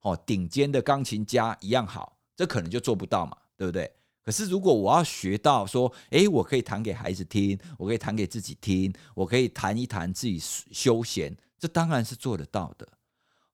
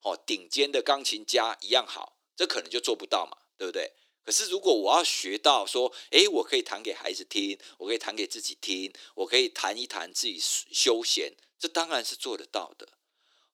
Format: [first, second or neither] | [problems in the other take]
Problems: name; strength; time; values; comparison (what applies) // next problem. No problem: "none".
first | thin; somewhat; fading below 300 Hz